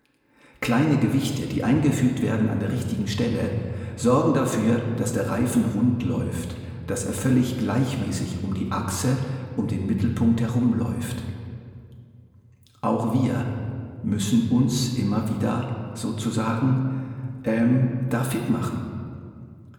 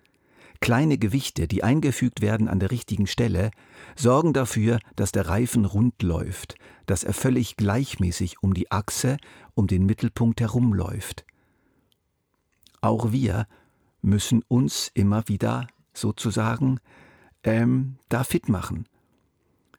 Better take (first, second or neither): second